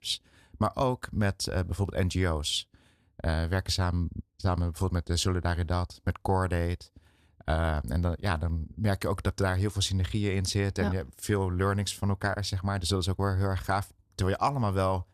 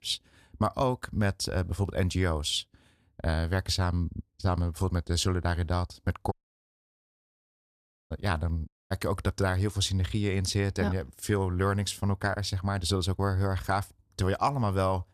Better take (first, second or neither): first